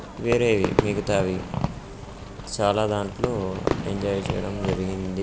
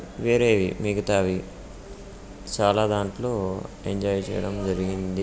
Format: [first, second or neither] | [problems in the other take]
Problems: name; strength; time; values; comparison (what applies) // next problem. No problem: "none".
second | background sound (Fireworks); 4 dB below the speech